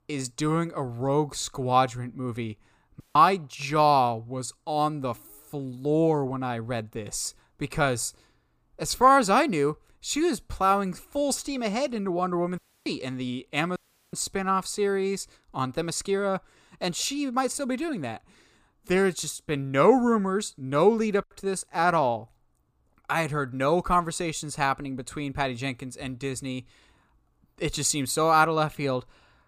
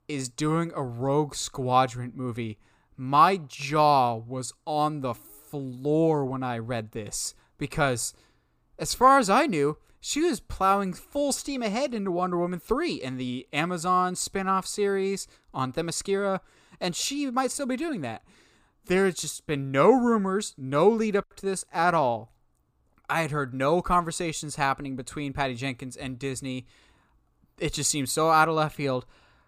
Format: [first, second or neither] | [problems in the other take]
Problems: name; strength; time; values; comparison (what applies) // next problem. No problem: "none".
second | audio cutting out; at 3 s, at 13 s and at 14 s